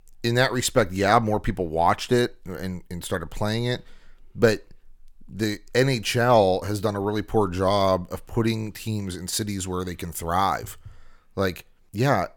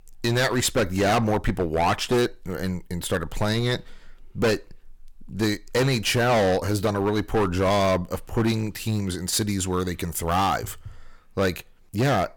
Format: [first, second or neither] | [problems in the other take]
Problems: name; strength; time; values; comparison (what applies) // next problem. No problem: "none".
first | distortion; heavy; 10% of the sound clipped